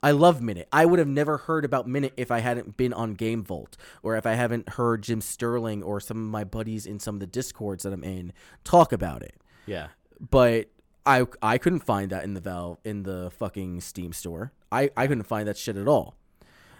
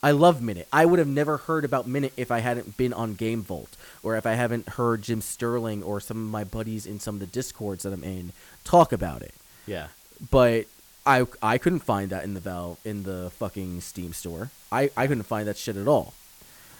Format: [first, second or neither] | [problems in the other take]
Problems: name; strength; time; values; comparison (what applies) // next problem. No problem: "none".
first | hiss; faint; throughout; 25 dB below the speech